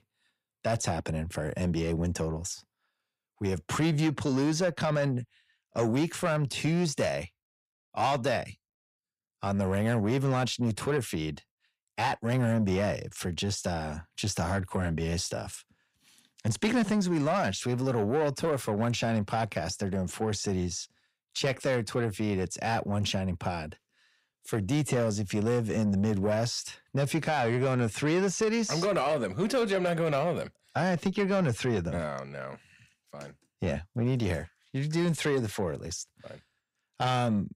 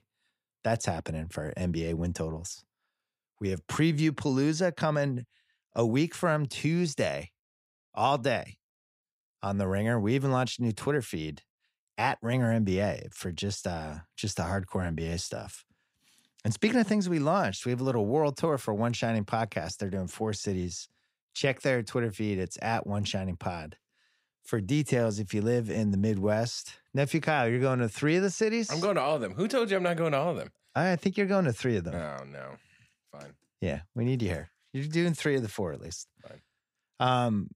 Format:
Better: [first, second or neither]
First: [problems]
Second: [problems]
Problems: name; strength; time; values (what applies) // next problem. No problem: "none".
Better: second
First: distortion; slight; 10 dB below the speech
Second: none